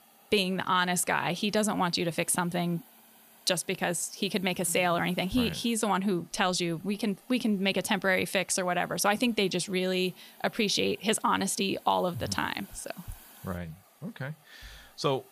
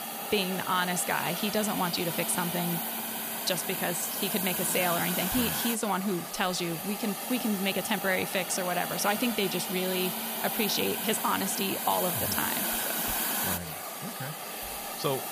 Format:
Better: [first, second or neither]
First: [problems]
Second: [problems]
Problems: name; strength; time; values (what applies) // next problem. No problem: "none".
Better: first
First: hiss; faint; throughout; 25 dB below the speech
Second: hiss; loud; throughout; 1 dB below the speech